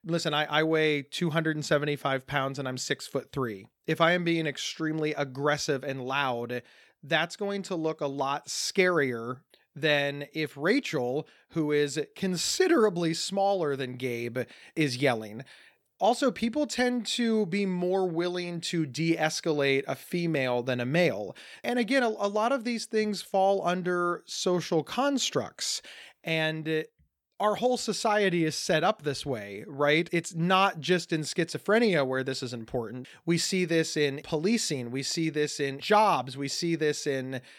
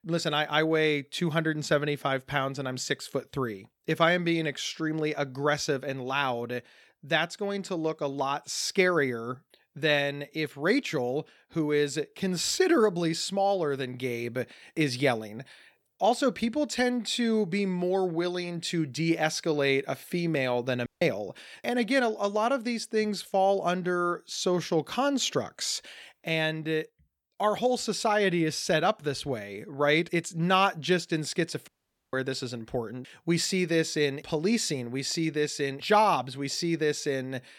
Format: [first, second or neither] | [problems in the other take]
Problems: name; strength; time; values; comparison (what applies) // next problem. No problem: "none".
first | audio cutting out; at 21 s and at 32 s